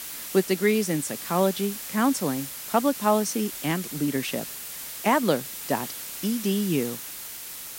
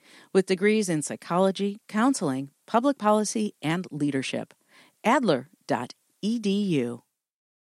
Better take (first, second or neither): second